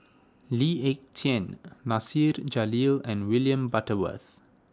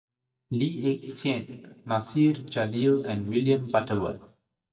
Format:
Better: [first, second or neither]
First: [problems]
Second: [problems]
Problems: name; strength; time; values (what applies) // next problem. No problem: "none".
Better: first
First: none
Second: noise reduction (neural mask model DeepFilterNet 3)